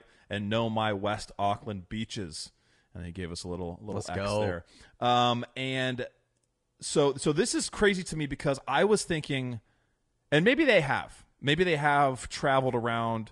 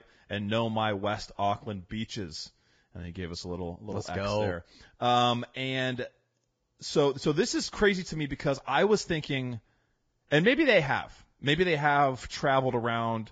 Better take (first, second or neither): first